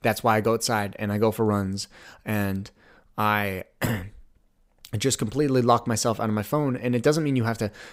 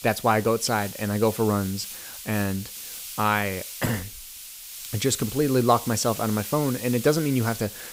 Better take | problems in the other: first | hiss; noticeable; throughout; 10 dB below the speech

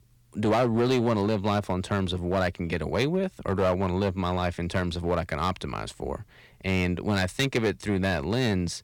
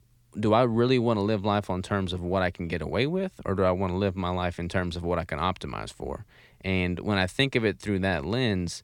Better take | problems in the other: second | distortion; slight; 5% of the sound clipped

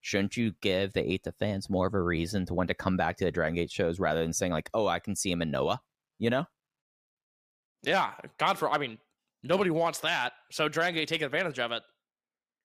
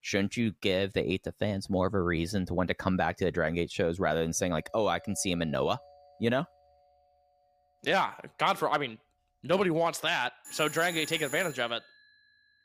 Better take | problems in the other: first | alarms or sirens; noticeable; from 5 s on; 15 dB below the speech

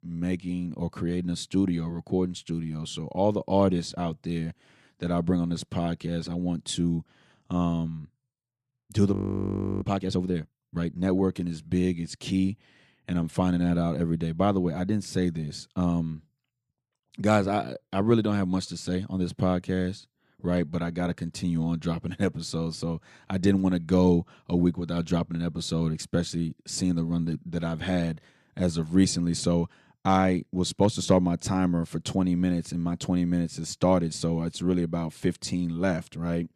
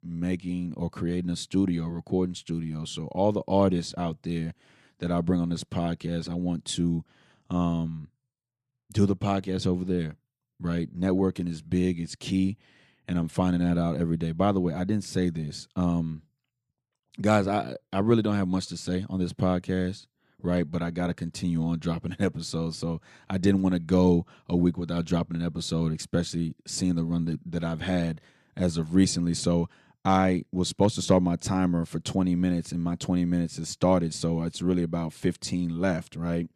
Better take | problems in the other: second | audio freezing; at 9 s for 0.5 s

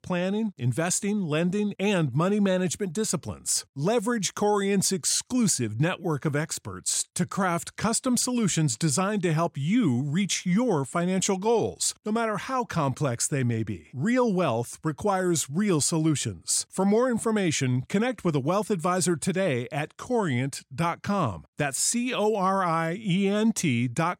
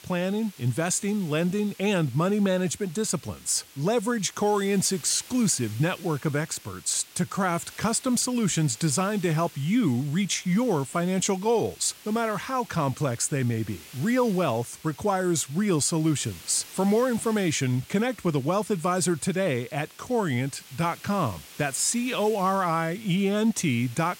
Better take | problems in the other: first | hiss; noticeable; throughout; 20 dB below the speech

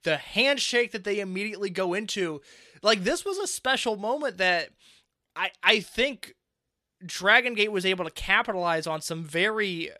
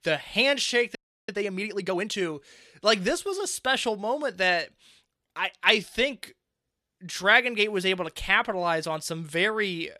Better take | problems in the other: first | audio freezing; at 1 s

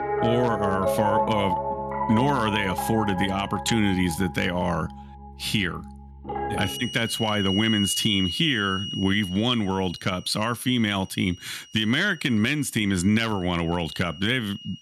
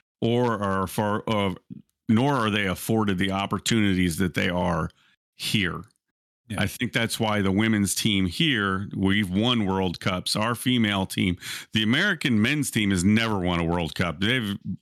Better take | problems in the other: second | background music; loud; throughout; 4 dB below the speech

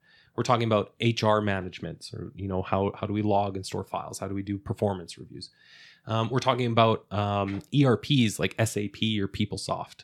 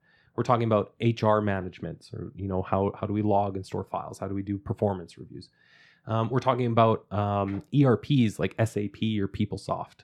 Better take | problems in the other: first | muffled; slightly; fading above 2 kHz

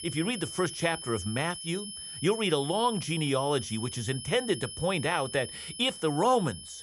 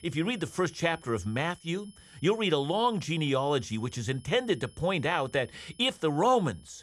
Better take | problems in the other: second | high-pitched whine; loud; throughout; 3 kHz, 9 dB below the speech; faint in the second

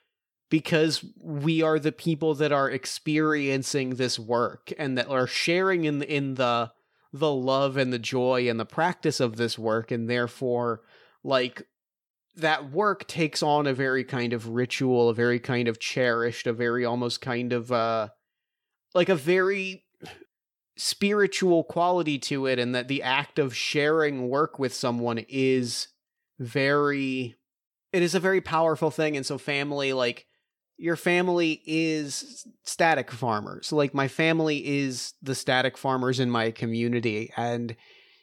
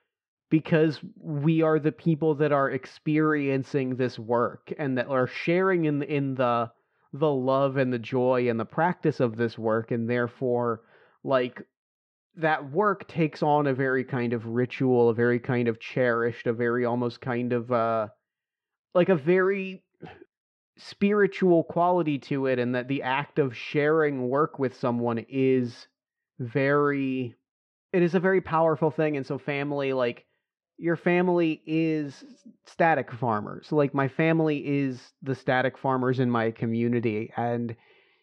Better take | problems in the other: first | muffled; very; fading above 2 kHz

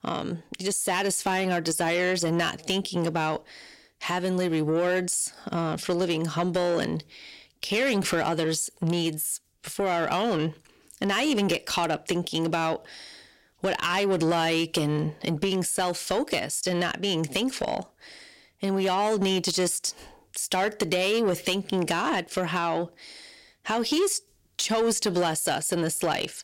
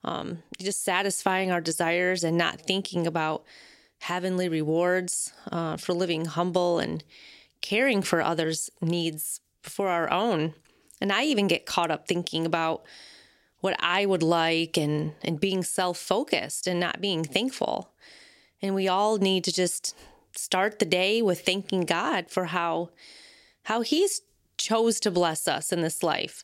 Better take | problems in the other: second | distortion; slight; 10 dB below the speech

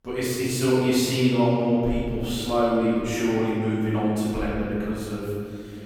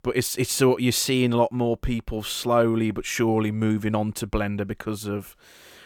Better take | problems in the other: second | room echo; strong; dies away in 2.4 s // off-mic speech; far

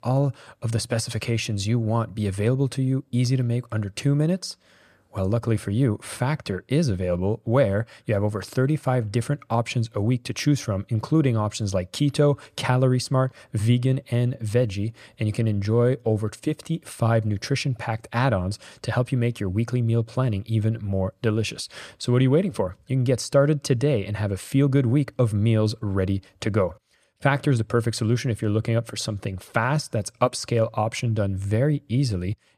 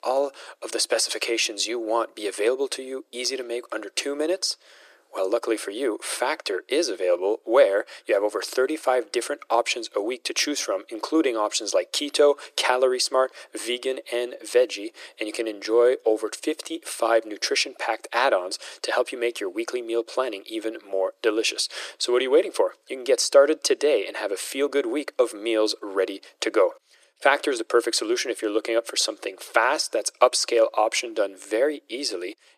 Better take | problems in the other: first | thin; very; fading below 350 Hz

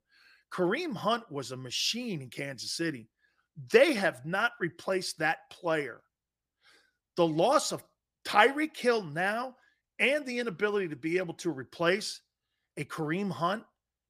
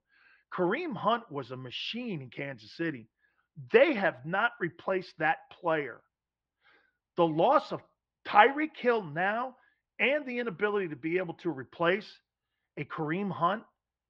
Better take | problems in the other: first | muffled; very; fading above 3 kHz

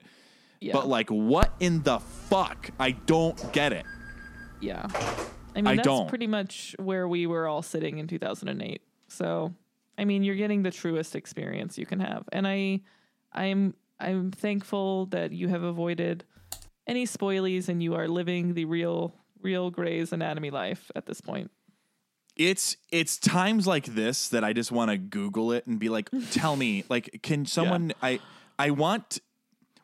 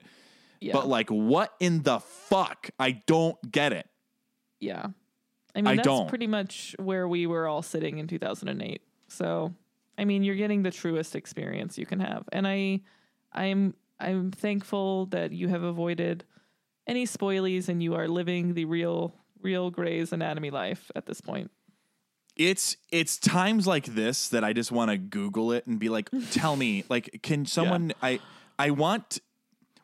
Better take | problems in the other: second | phone ringing; noticeable; from 1.5 to 5 s; peak 3 dB below the speech // keyboard typing; faint; at 17 s; peak 15 dB below the speech

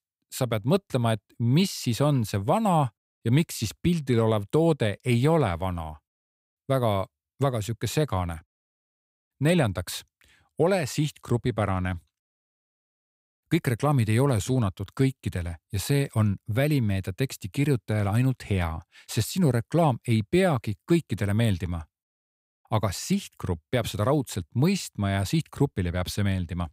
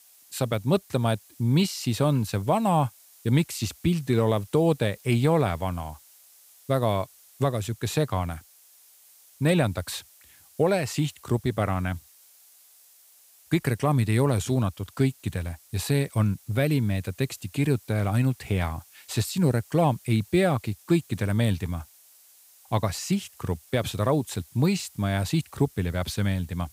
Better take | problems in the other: first | hiss; faint; throughout; 25 dB below the speech

